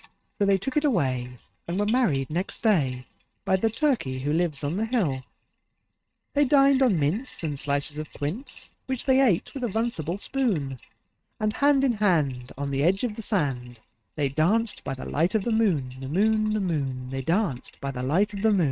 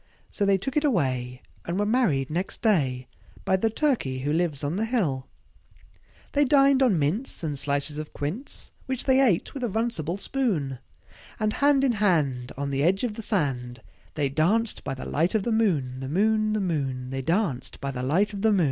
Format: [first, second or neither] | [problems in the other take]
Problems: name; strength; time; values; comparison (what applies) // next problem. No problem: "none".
second | noise reduction (neural mask model RNNoise)